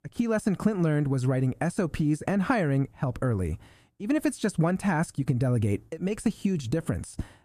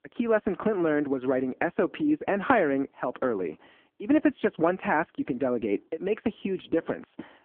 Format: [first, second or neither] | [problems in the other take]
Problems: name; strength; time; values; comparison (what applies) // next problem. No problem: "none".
first | phone-call audio; poor line